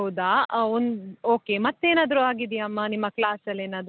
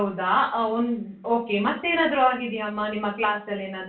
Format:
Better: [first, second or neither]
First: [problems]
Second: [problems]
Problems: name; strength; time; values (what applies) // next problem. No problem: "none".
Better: first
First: none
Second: room echo; dies away in 0.3 s